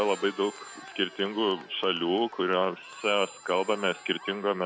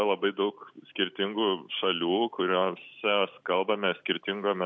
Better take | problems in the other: second | background sound (Cheering + Telephone); 18 dB below the speech

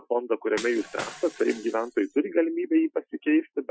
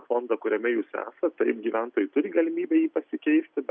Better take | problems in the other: second | noise reduction (classical method Wiener filter)

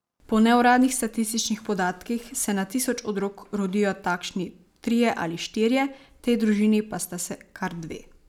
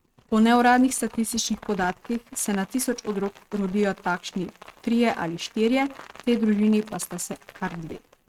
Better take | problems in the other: first | noise reduction (neural mask model RNNoise)

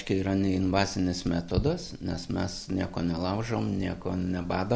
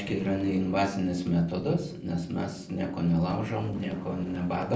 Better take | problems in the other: first | noise reduction (neural separator model SepFormer DNS4)

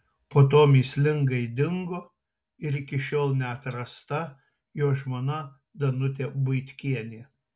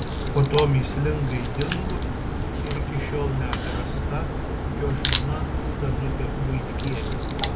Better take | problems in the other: first | background sound (Crack); 2 dB above the speech

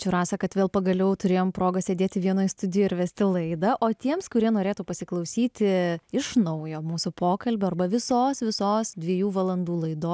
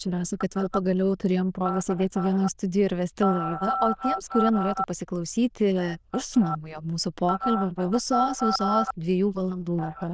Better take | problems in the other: first | noise reduction (neural diffusion model UNIVERSE++)

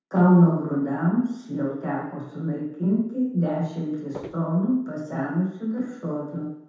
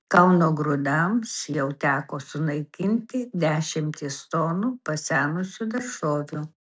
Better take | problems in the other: second | background sound (Walk, footsteps); 13 dB below the speech // room echo; dies away in 0.8 s

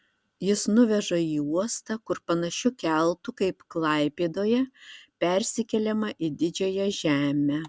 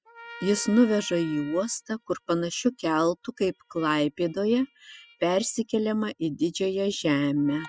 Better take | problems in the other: first | noise reduction (classical method spectral subtraction)

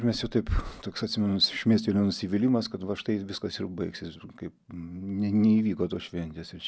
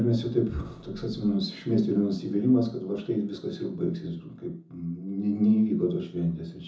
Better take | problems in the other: first | room echo; dies away in 0.5 s

